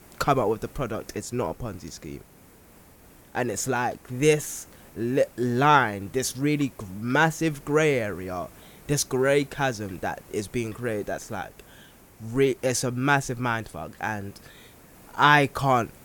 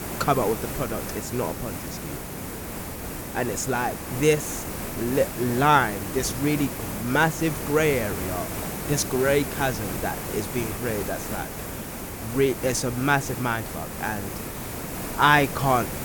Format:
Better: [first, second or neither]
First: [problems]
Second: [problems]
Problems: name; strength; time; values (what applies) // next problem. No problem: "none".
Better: first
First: hiss; faint; throughout; 25 dB below the speech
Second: hiss; loud; throughout; 7 dB below the speech